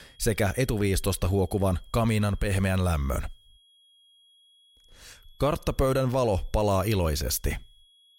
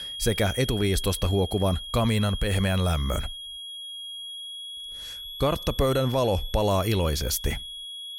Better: first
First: high-pitched whine; faint; throughout; 3.5 kHz, 30 dB below the speech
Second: high-pitched whine; loud; throughout; 3.5 kHz, 9 dB below the speech

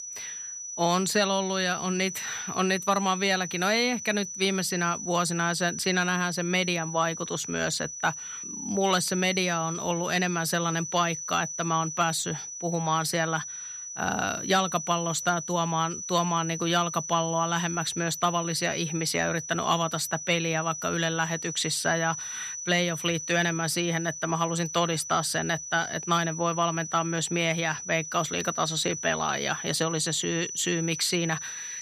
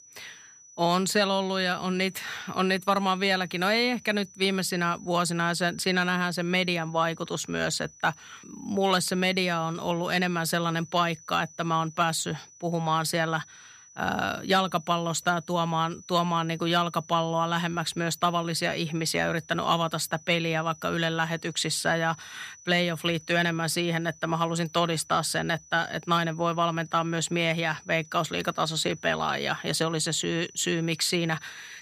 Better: second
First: high-pitched whine; loud; throughout; 6 kHz, 7 dB below the speech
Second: high-pitched whine; faint; throughout; 6 kHz, 20 dB below the speech

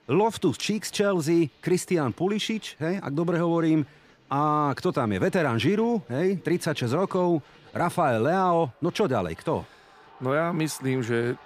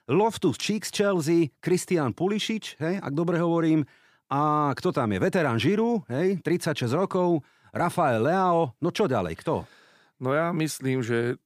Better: second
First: crowd noise; faint; throughout; 25 dB below the speech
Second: none

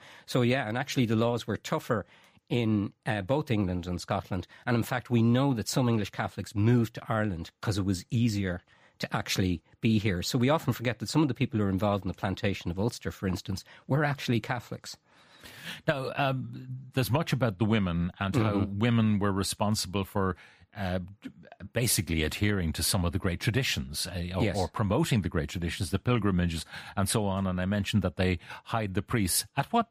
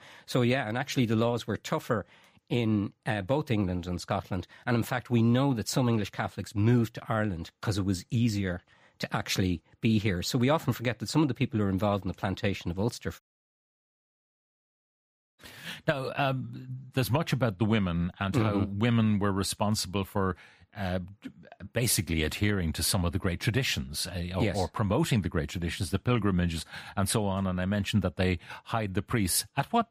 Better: first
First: none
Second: audio cutting out; at 13 s for 2 s

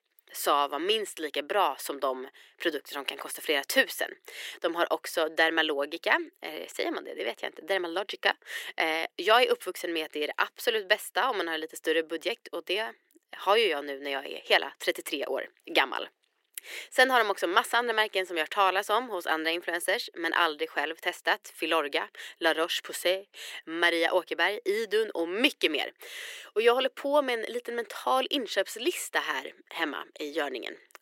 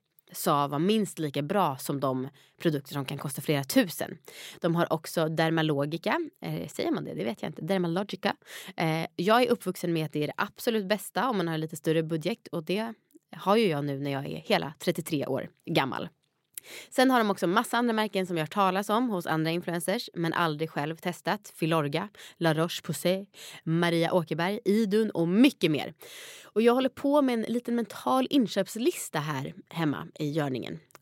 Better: second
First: thin; very; fading below 350 Hz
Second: none

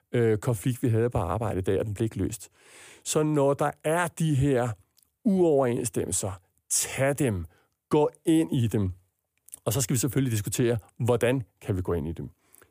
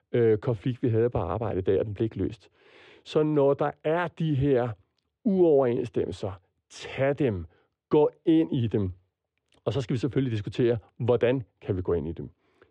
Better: first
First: none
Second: muffled; very; fading above 4 kHz

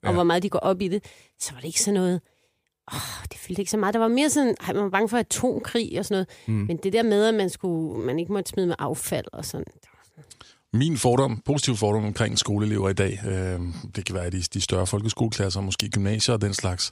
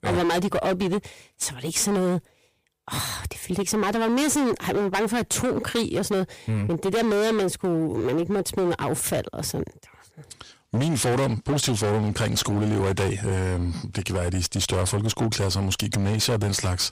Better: first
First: none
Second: distortion; heavy; 23% of the sound clipped

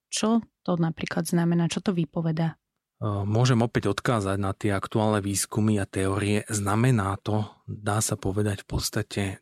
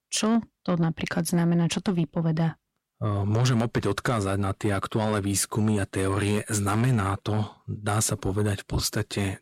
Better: first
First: none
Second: distortion; slight; 10 dB below the speech

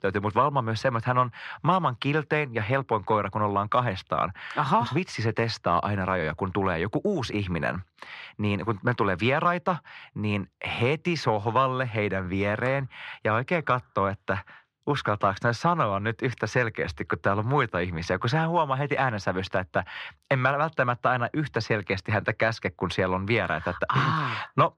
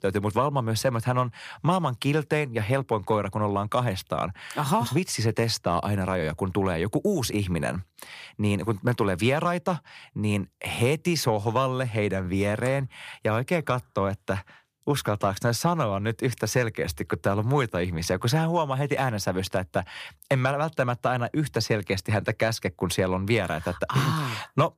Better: second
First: muffled; slightly; fading above 3.5 kHz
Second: none

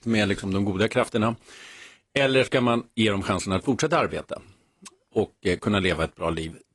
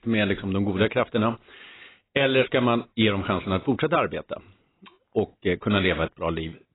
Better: first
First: garbled, watery; slightly; nothing above 10.5 kHz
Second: garbled, watery; badly; nothing above 4 kHz

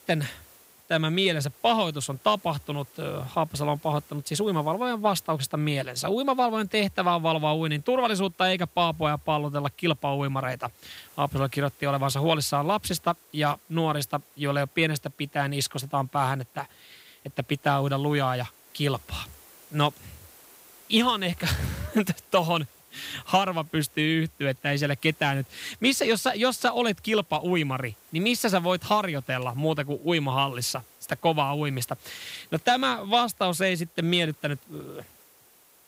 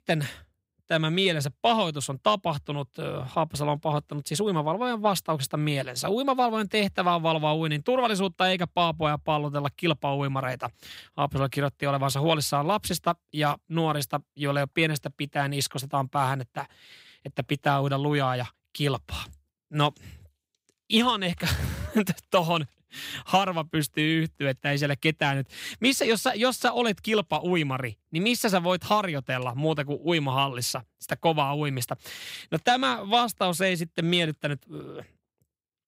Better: second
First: hiss; faint; throughout; 25 dB below the speech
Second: none

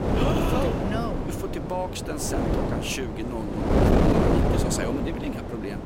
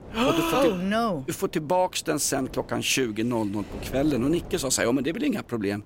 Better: second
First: wind noise on the microphone; heavy; 3 dB above the speech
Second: wind noise on the microphone; occasional gusts; 20 dB below the speech

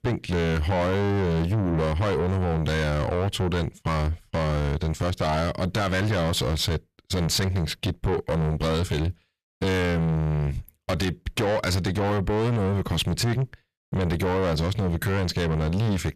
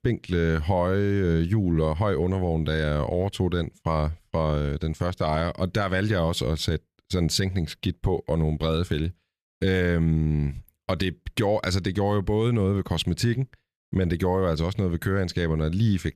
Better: second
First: distortion; heavy; 7 dB below the speech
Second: none

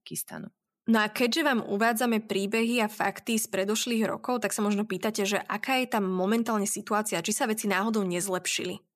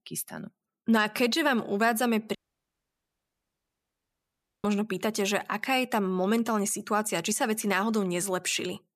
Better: first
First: none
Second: audio cutting out; at 2.5 s for 2.5 s

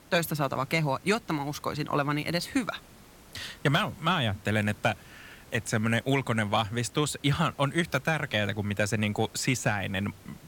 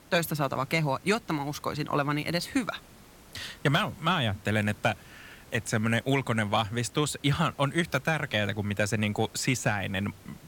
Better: neither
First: hiss; faint; throughout; 25 dB below the speech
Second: hiss; faint; throughout; 25 dB below the speech

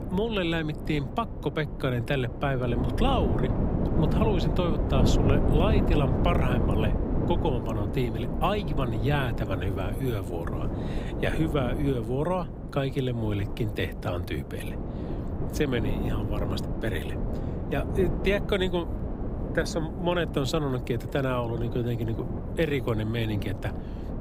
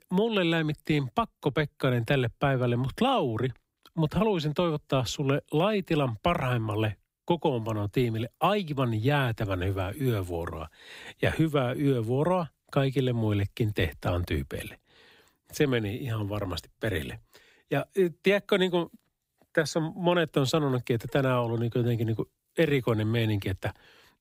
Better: second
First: wind noise on the microphone; heavy; 6 dB below the speech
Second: none

